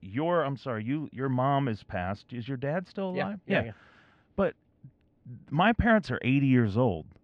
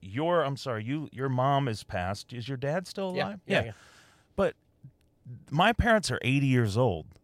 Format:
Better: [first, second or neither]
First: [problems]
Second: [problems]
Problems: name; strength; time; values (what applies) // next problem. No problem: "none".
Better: second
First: muffled; slightly; fading above 2.5 kHz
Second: none